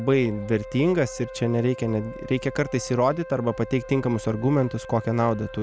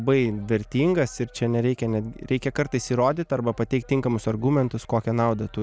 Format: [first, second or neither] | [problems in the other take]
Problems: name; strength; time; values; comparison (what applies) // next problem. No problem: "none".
second | background sound (Wind instrument, woodwind instrument); 15 dB below the speech